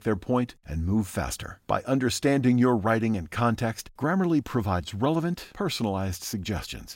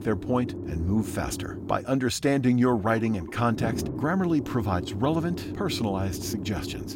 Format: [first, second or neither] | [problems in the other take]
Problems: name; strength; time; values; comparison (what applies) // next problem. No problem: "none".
first | low rumble; noticeable; throughout; 10 dB below the speech